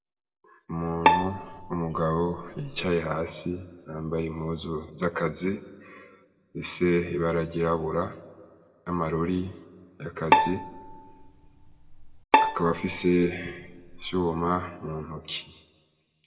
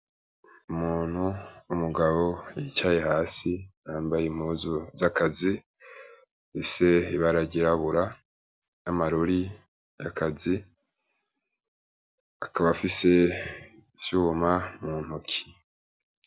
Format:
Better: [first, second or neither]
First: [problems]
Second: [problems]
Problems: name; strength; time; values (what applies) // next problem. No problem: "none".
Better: second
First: background sound (Bowed string instrument); 2 dB above the speech // room echo; dies away in 1.2 s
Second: none